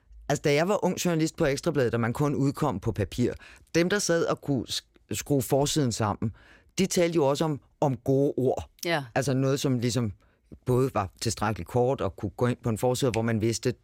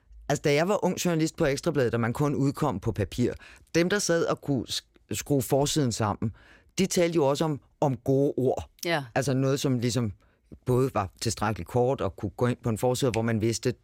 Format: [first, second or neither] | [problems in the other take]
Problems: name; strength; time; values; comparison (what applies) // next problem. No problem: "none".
neither | none